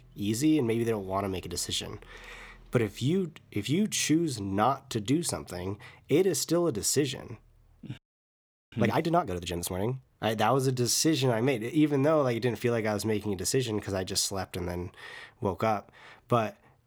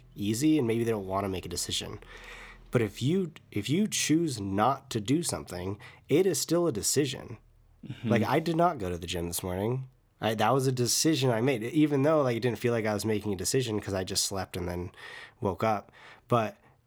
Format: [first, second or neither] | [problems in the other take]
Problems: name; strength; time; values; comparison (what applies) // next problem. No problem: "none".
second | audio freezing; at 8 s for 0.5 s